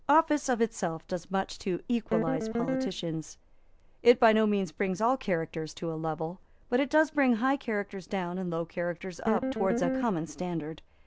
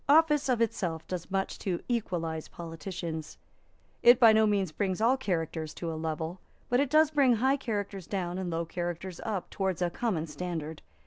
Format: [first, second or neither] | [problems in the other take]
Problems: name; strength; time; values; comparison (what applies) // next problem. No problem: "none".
second | background sound (Guitar); 2 dB below the speech